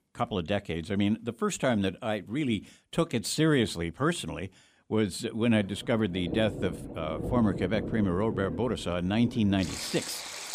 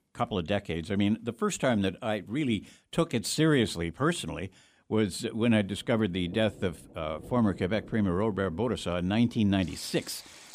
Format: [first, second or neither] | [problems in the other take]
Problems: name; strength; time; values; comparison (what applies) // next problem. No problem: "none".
second | rain or running water; loud; from 5.5 s on; 9 dB below the speech; faint in the second